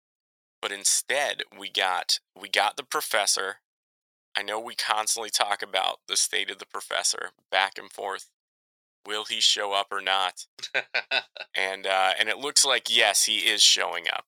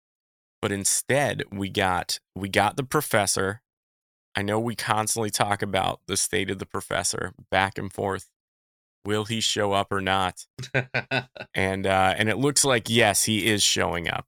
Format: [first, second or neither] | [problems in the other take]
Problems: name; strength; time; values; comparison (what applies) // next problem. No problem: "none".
second | thin; very; fading below 650 Hz